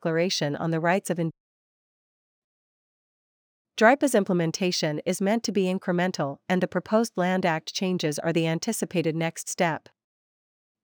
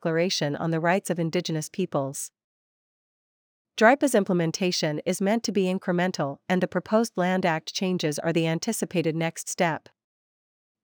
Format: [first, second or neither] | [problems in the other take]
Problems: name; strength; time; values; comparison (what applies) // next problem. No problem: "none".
second | audio cutting out; at 1.5 s for 1 s